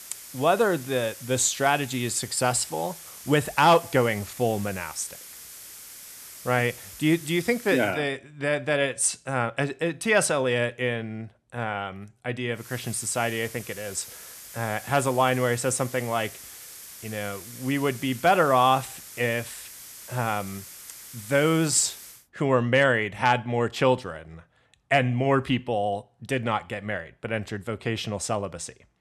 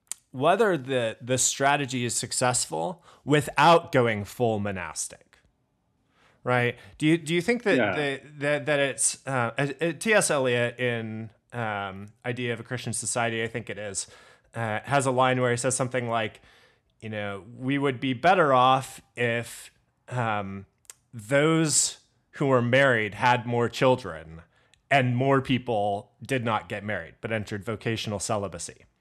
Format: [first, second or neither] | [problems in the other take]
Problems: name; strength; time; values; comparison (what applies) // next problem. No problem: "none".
second | hiss; noticeable; until 8 s and from 13 to 22 s; 15 dB below the speech